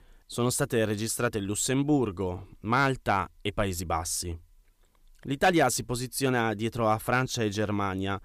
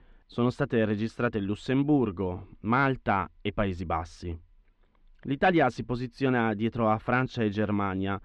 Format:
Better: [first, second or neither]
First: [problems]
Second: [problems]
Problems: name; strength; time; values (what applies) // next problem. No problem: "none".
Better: first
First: none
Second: muffled; very; fading above 3 kHz